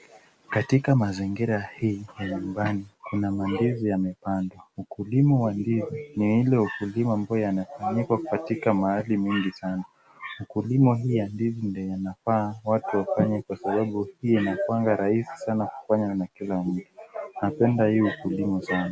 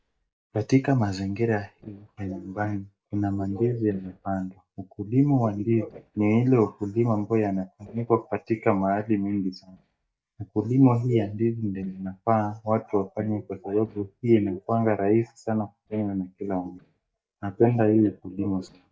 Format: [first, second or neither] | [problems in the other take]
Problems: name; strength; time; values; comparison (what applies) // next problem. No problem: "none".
first | noise reduction (neural mask model DeepFilterNet 3)